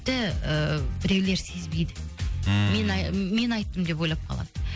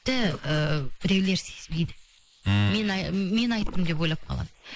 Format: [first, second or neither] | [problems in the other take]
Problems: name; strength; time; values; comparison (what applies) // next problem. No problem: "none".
first | noise reduction (neural mask model Resemble Enhance denoiser)